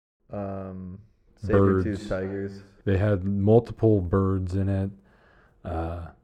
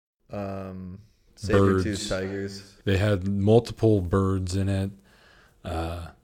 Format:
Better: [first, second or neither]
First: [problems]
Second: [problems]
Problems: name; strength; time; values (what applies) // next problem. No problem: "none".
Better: second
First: muffled; slightly; fading above 2.5 kHz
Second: none